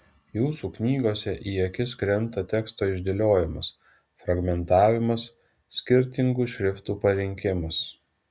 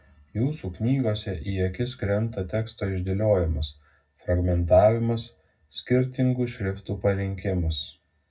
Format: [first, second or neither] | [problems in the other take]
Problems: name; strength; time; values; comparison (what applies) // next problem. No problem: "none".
first | room echo; dies away in 0.4 s